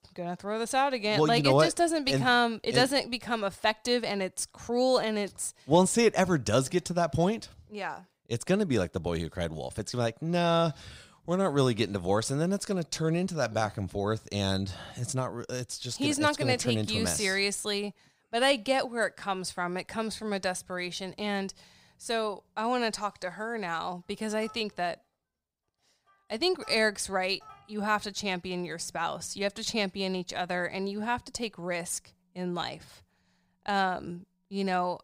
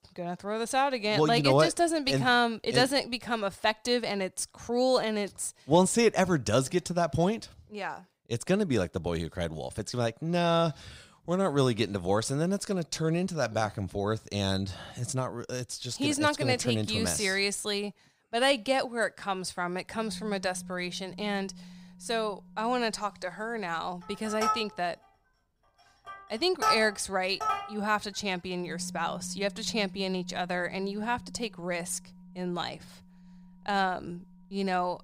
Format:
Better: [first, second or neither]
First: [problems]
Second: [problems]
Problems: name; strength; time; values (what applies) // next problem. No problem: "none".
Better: first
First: background music; faint; from 20 s on; 30 dB below the speech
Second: background music; loud; from 20 s on; 8 dB below the speech